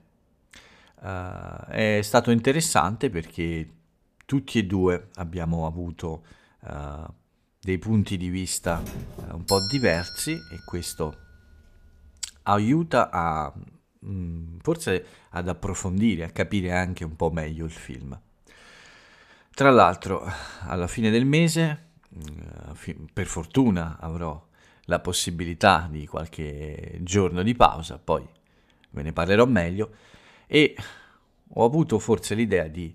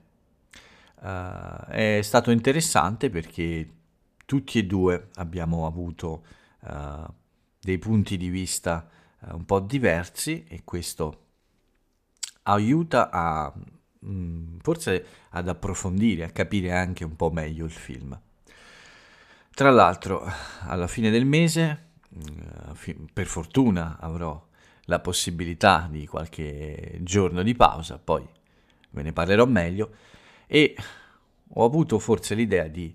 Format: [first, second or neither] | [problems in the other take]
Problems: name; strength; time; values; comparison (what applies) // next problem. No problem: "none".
second | doorbell; noticeable; from 8.5 to 11 s; peak 2 dB below the speech